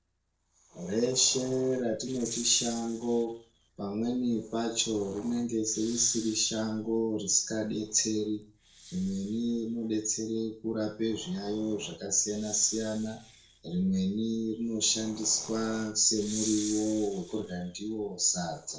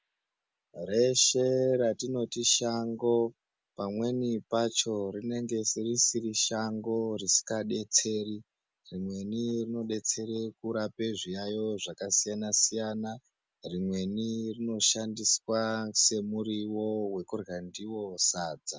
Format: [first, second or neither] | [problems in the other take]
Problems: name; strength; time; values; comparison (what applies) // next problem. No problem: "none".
second | noise reduction (neural separator model SepFormer DNS4)